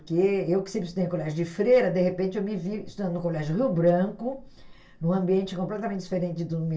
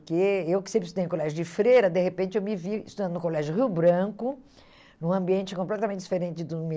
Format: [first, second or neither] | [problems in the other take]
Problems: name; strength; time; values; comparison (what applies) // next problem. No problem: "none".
second | room echo; dies away in 0.2 s